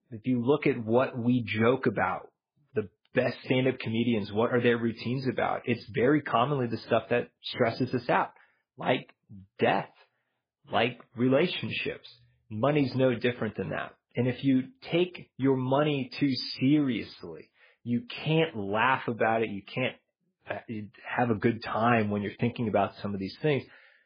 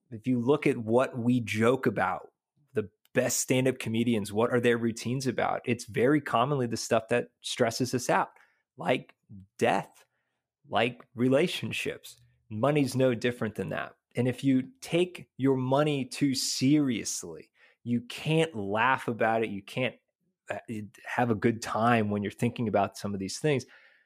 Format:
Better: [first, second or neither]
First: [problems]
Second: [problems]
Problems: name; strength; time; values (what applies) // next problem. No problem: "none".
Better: second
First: garbled, watery; badly; nothing above 5 kHz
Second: none